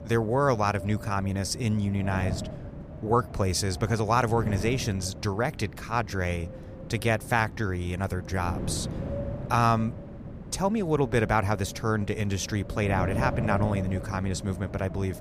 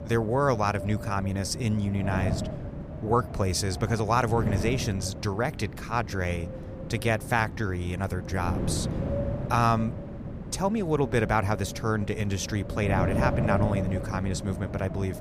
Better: first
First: wind noise on the microphone; occasional gusts; 15 dB below the speech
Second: wind noise on the microphone; heavy; 9 dB below the speech

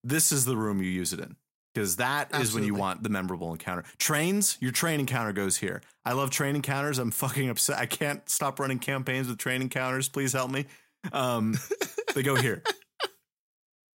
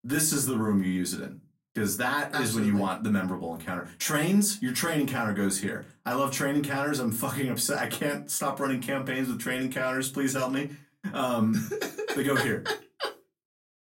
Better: first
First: none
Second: off-mic speech; far // room echo; very slight; dies away in 0.2 s

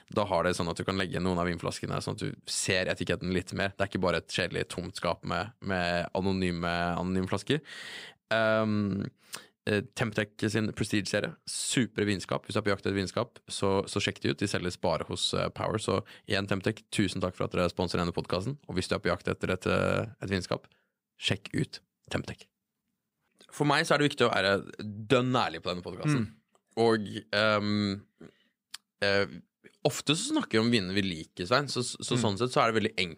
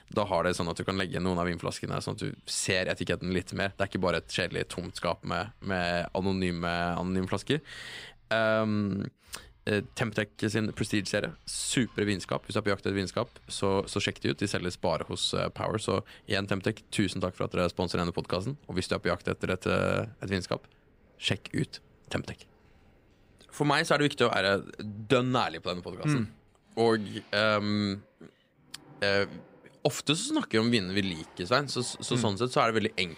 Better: first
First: none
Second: household noises; faint; throughout; 30 dB below the speech

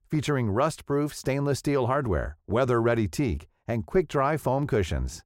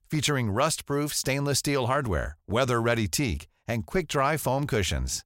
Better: second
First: muffled; slightly; fading above 2 kHz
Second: none

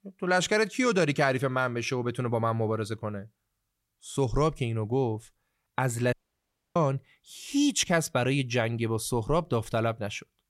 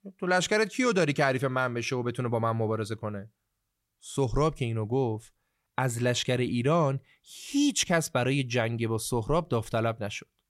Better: second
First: audio cutting out; at 6 s for 0.5 s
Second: none

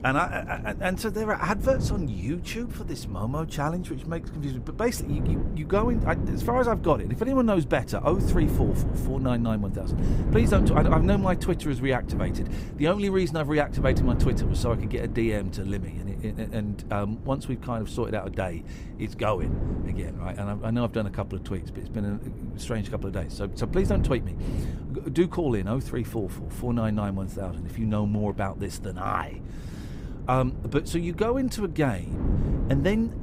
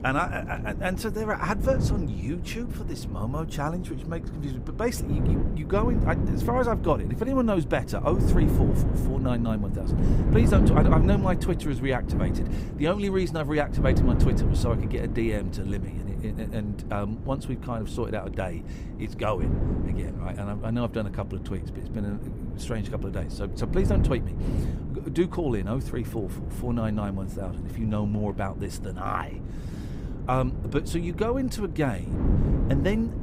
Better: first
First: wind noise on the microphone; occasional gusts; 10 dB below the speech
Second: wind noise on the microphone; heavy; 7 dB below the speech

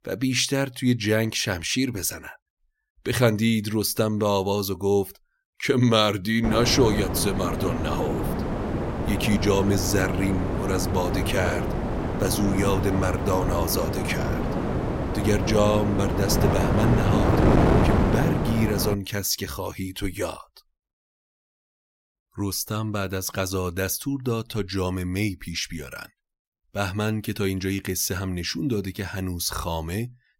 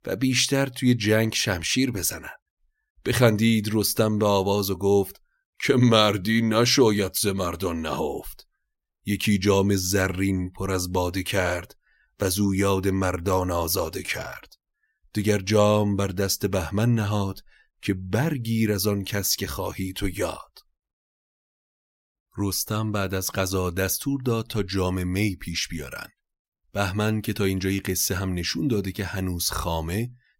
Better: second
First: wind noise on the microphone; heavy; from 6.5 to 19 s; 2 dB below the speech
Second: none

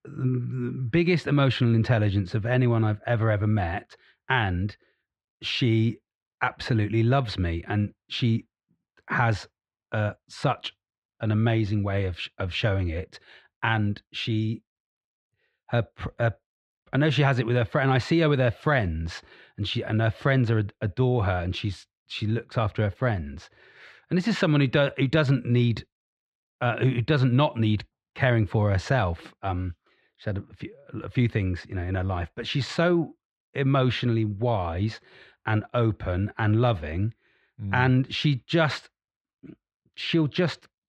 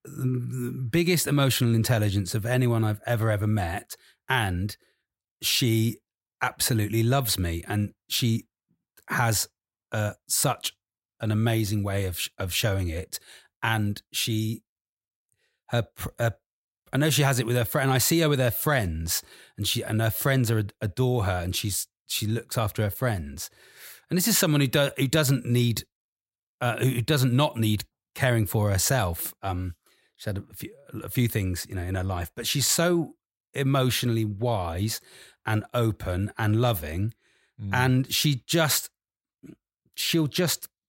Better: second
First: muffled; slightly; fading above 3 kHz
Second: none

